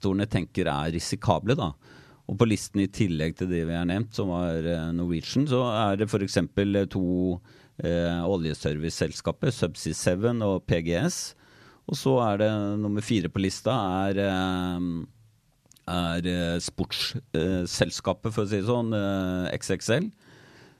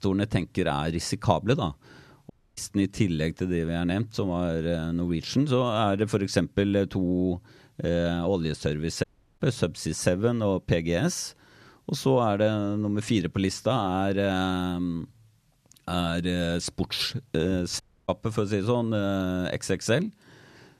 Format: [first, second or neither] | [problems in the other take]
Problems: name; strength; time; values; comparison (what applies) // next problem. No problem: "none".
first | audio cutting out; at 2.5 s, at 9 s and at 18 s